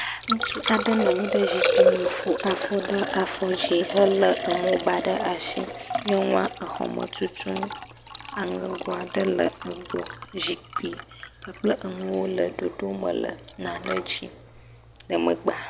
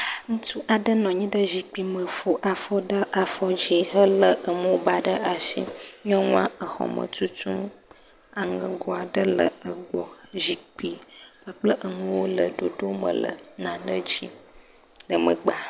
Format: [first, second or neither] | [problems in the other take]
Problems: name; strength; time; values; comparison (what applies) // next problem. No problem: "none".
second | background sound (Liquid); 4 dB below the speech